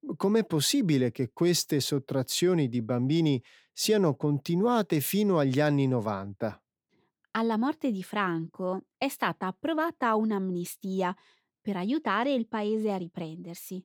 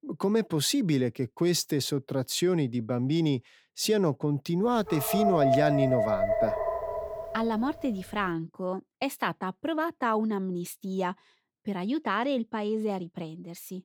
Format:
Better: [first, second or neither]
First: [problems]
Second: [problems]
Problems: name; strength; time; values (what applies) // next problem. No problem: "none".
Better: first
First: none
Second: dog barking; loud; from 5 to 7.5 s; peak 4 dB above the speech